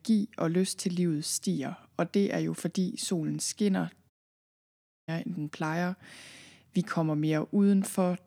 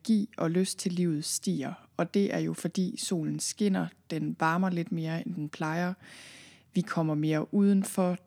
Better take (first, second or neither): second